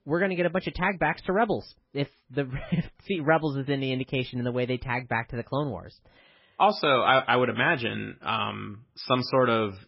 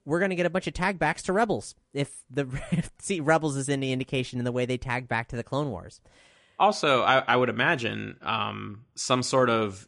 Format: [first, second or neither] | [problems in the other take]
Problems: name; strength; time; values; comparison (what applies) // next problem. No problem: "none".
second | garbled, watery; badly; nothing above 5.5 kHz; slightly in the second